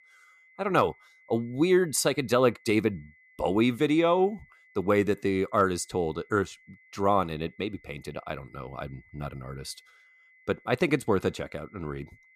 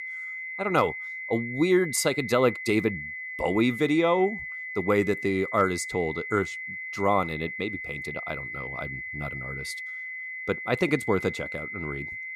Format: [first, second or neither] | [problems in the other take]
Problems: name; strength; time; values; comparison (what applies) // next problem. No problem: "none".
first | high-pitched whine; loud; throughout; 2 kHz, 7 dB below the speech; faint in the first